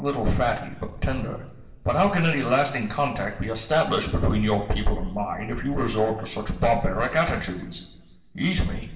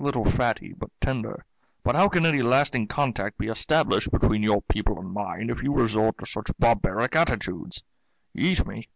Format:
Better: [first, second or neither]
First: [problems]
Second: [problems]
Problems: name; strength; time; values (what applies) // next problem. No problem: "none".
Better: second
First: room echo; dies away in 1.1 s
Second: none